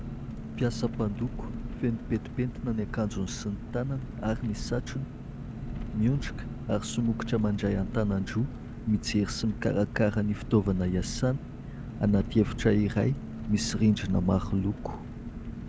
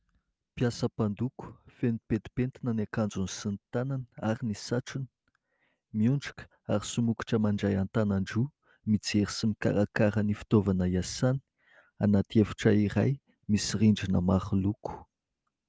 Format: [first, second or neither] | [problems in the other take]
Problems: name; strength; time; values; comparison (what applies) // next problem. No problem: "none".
second | background sound (Engine); 7 dB below the speech